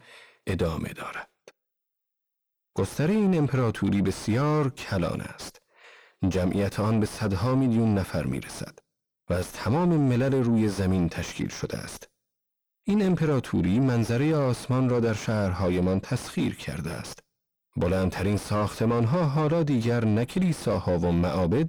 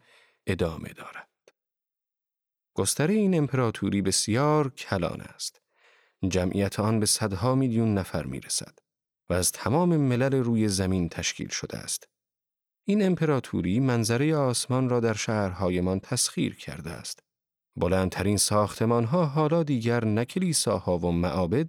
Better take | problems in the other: second | distortion; heavy; 7 dB below the speech

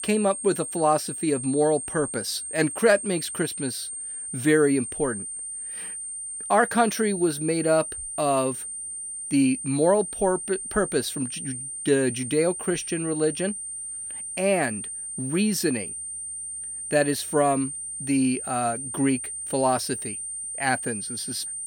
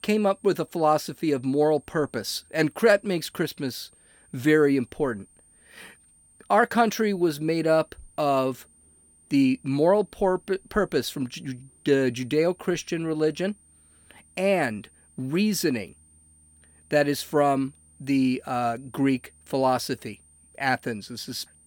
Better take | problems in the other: second | high-pitched whine; loud; throughout; 9 kHz, 6 dB below the speech; faint in the second

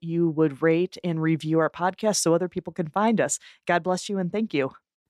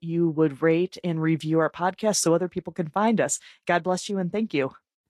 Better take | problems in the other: first | garbled, watery; slightly; nothing above 11.5 kHz

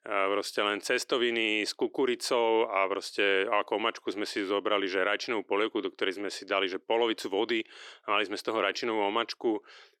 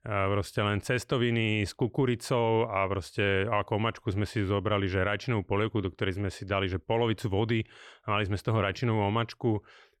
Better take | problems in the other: second | thin; somewhat; fading below 300 Hz

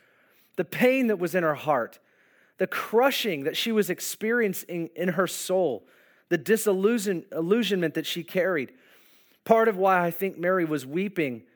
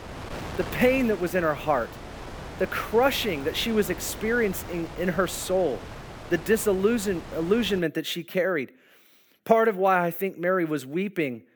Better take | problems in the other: first | wind noise on the microphone; occasional gusts; until 8 s; 15 dB below the speech

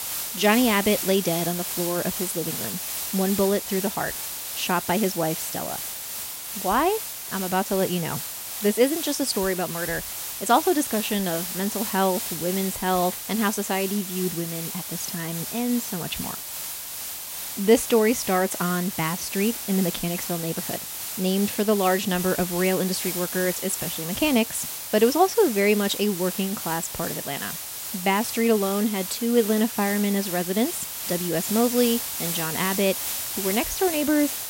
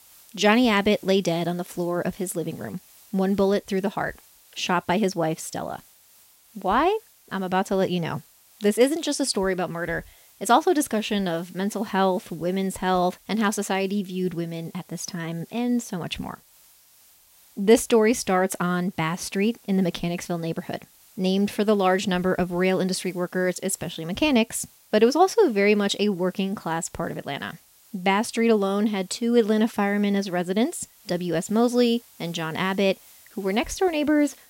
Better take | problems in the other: second | hiss; loud; throughout; 5 dB below the speech; faint in the second

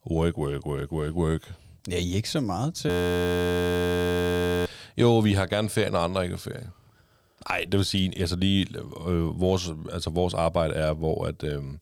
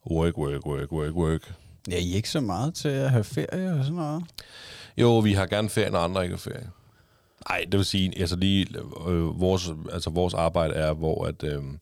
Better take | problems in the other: second | audio freezing; at 3 s for 2 s

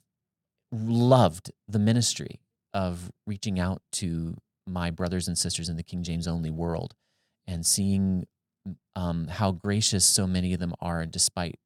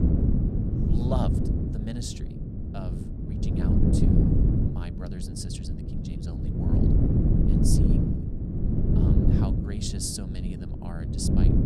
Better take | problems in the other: first | wind noise on the microphone; heavy; 4 dB above the speech

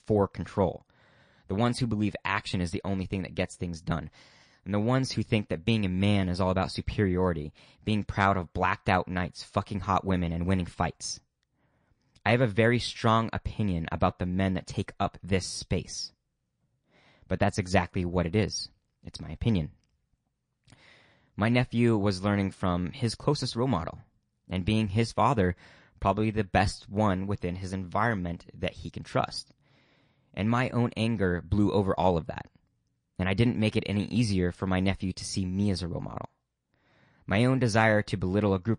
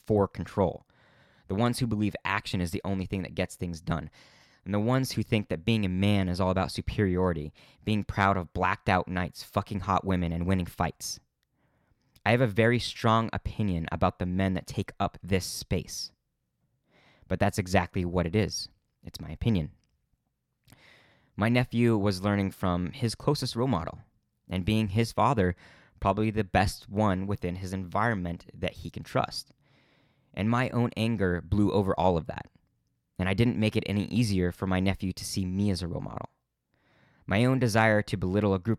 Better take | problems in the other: second | garbled, watery; slightly

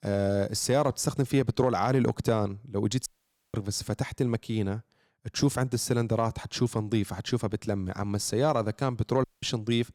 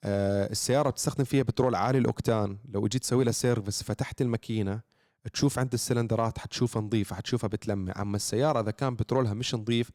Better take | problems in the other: second | audio cutting out; at 3 s and at 9 s

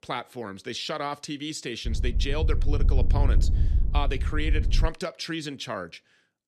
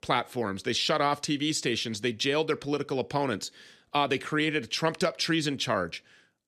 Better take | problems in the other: second | wind noise on the microphone; occasional gusts; from 2 to 5 s; 10 dB below the speech

